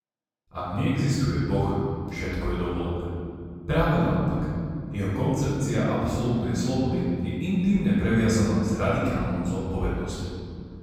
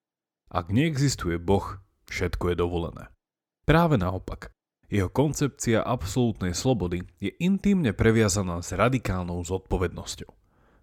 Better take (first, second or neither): second